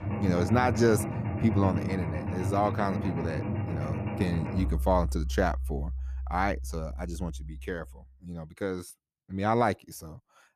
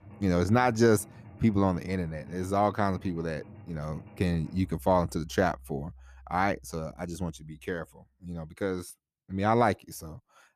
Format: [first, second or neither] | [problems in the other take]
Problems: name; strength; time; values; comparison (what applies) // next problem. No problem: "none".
second | machinery noise; loud; until 8 s; 3 dB below the speech; faint in the second